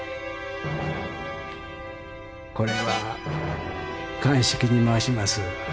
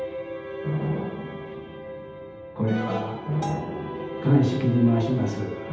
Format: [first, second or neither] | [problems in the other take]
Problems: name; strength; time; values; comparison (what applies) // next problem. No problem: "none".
first | background sound (Bell); 15 dB below the speech // room echo; dies away in 0.8 s